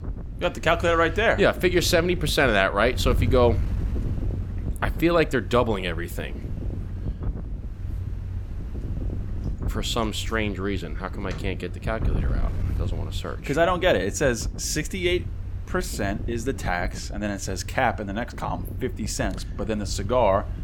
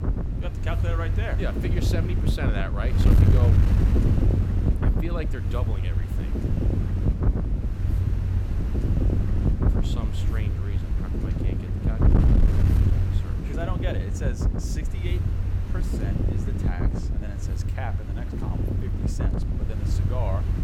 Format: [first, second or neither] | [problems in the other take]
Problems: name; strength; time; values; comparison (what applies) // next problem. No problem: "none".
first | wind noise on the microphone; heavy; 1 dB above the speech; occasional gusts in the first